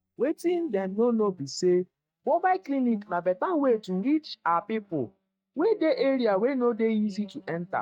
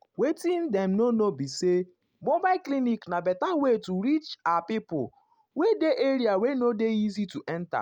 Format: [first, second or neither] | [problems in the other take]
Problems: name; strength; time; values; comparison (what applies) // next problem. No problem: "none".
second | noise reduction (neural mask model DeepFilterNet 3)